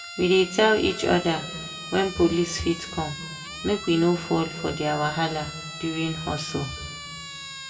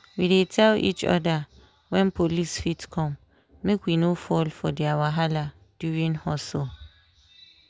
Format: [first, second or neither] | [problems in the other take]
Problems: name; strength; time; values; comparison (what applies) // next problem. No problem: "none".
second | background sound (Siren); 12 dB below the speech // room echo; dies away in 1.8 s